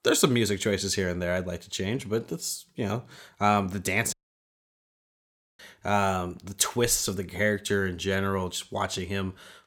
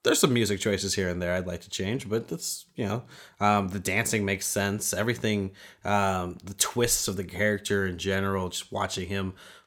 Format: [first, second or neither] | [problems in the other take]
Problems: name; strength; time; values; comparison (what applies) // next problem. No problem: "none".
second | audio cutting out; at 4 s for 1.5 s